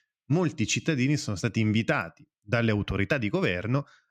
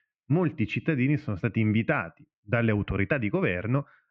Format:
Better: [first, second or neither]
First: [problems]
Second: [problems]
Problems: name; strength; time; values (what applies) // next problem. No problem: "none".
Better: first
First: none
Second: muffled; very; fading above 2.5 kHz